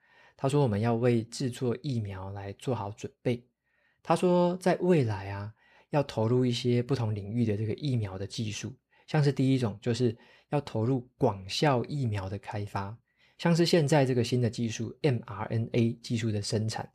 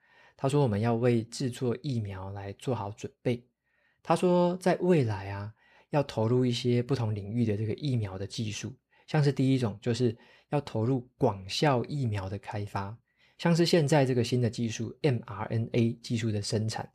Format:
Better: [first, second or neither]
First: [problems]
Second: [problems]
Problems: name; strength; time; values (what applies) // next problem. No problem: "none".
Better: neither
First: none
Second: none